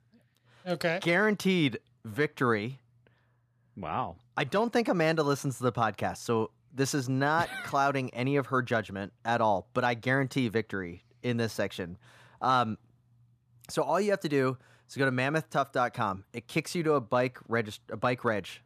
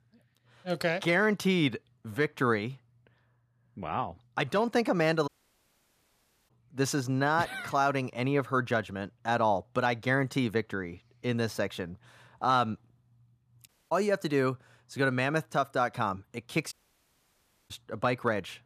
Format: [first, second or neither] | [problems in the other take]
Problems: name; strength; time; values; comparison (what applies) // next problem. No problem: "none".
first | audio cutting out; at 5.5 s for 1 s, at 14 s and at 17 s for 1 s